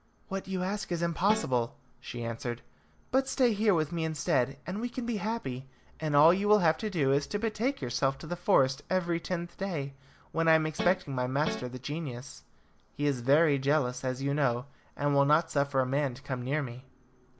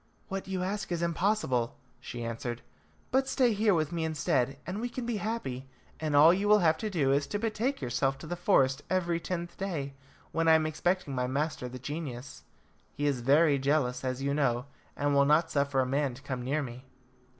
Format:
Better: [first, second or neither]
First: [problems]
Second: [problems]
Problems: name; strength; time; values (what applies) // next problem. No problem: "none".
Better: second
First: background sound (Guitar); 7 dB below the speech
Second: none